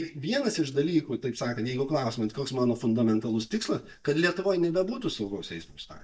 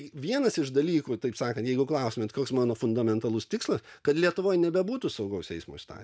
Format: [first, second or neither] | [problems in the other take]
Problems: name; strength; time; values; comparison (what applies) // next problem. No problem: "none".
second | noise reduction (neural mask model DeepFilterNet 3)